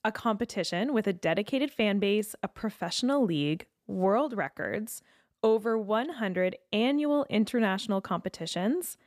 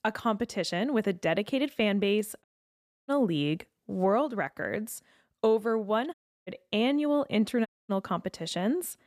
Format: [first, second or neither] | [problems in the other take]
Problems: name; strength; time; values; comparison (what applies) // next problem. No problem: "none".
first | audio cutting out; at 2.5 s for 0.5 s, at 6 s and at 7.5 s